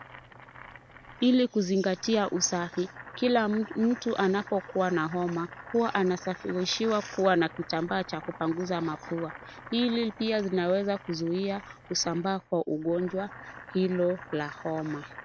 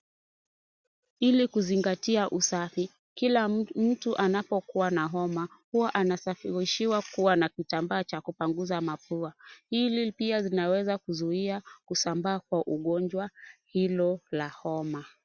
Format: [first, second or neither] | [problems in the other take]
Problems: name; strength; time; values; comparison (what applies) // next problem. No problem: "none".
second | background sound (Boiling); 17 dB below the speech